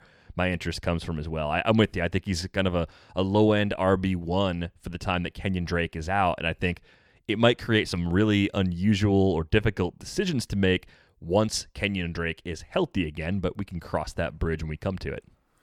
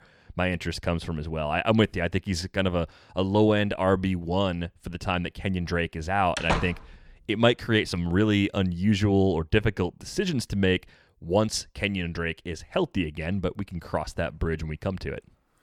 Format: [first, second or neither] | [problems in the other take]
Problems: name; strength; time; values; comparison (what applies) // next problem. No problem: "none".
first | door banging; noticeable; at 6.5 s; peak 2 dB below the speech